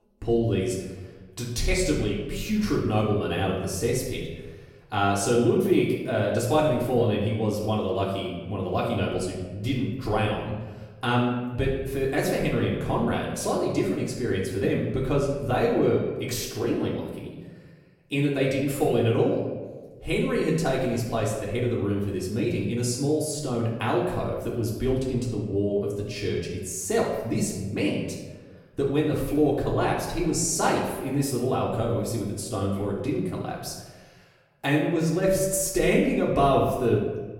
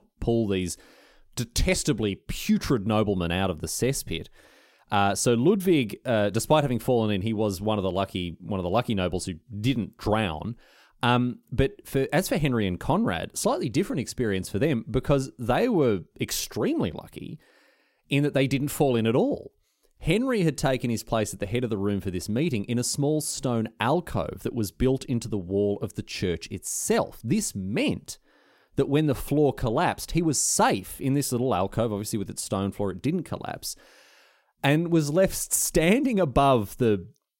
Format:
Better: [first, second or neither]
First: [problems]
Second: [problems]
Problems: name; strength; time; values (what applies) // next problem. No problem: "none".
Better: second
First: off-mic speech; far // room echo; noticeable; dies away in 1 s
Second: none